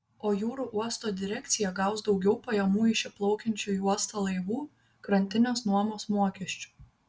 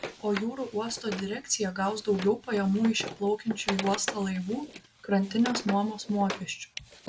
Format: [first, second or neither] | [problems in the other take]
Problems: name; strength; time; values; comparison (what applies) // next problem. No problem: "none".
first | background sound (Wood); 11 dB below the speech